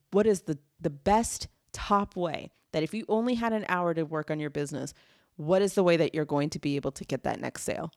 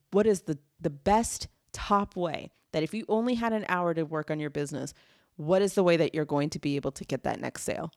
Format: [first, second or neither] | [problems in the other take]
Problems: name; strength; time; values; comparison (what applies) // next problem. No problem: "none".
neither | none